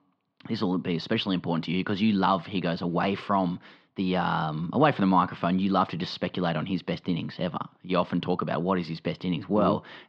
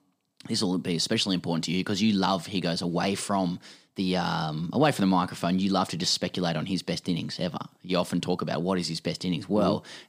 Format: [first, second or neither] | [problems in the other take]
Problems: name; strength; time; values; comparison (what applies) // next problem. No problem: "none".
second | muffled; slightly; fading above 3.5 kHz